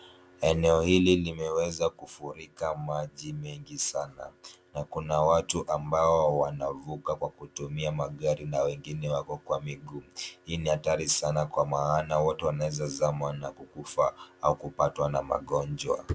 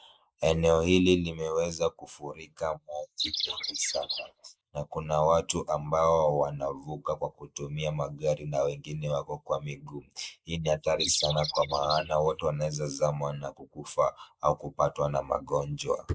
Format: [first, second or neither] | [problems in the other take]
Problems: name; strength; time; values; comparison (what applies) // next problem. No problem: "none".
first | noise reduction (neural mask model Resemble Enhance denoiser)